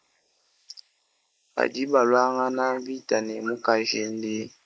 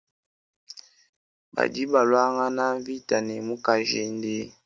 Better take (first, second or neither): second